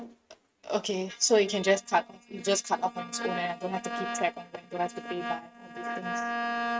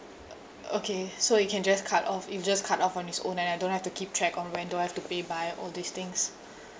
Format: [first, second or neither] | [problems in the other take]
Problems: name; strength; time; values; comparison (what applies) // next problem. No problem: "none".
second | noise reduction (neural mask model RNNoise)